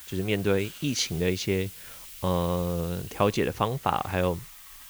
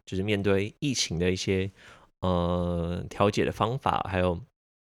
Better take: second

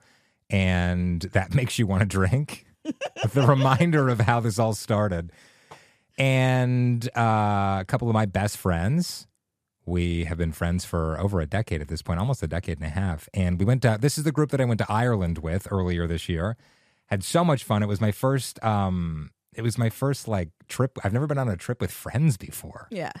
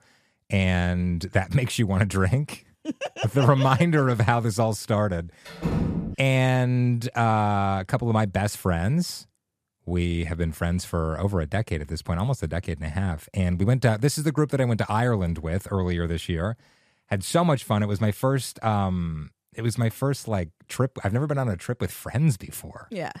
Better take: first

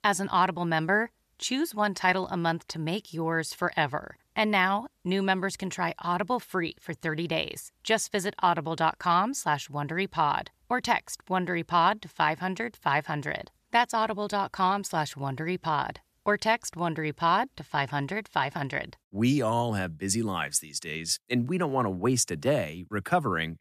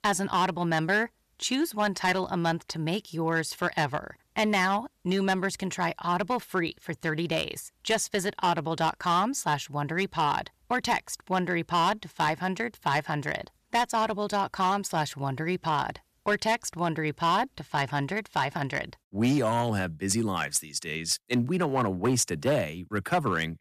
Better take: first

